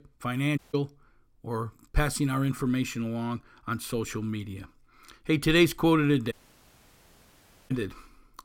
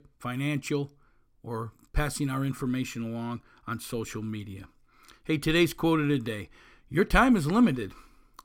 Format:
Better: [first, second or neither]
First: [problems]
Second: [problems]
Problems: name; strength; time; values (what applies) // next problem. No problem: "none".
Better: second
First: audio cutting out; at 0.5 s and at 6.5 s for 1.5 s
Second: none